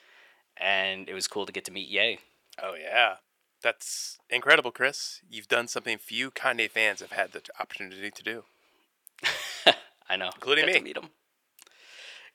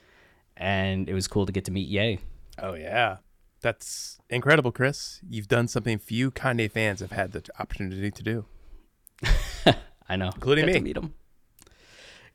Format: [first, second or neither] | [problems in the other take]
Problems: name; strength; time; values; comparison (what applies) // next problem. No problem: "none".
second | thin; very; fading below 550 Hz